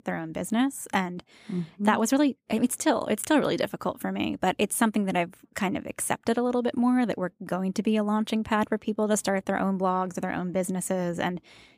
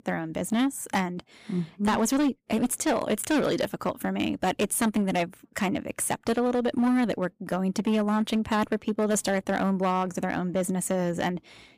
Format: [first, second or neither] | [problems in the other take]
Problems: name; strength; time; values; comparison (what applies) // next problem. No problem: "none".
first | distortion; slight; 9% of the sound clipped